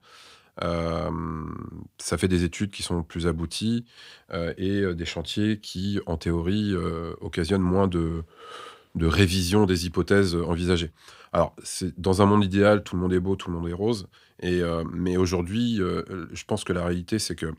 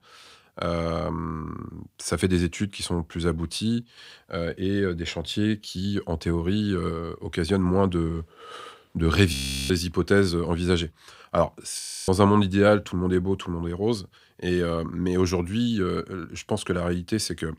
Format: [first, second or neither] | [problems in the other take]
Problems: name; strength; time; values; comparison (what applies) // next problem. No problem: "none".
first | audio freezing; at 9.5 s and at 12 s